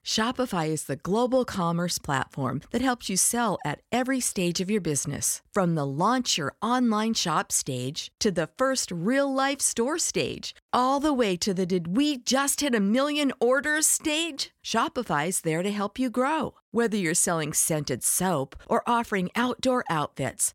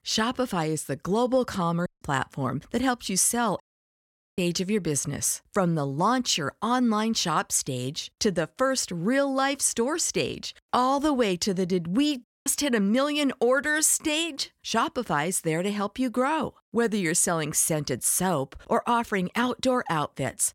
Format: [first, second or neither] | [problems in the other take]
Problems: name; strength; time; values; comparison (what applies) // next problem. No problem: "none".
first | audio cutting out; at 2 s, at 3.5 s for 1 s and at 12 s